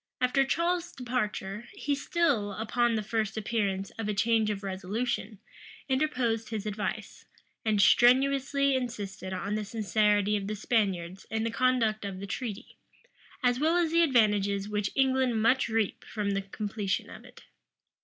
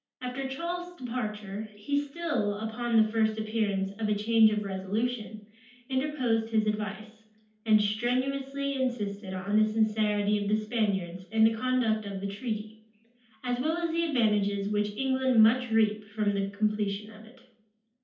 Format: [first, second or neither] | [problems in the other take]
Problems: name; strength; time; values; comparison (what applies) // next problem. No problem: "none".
first | room echo; dies away in 0.6 s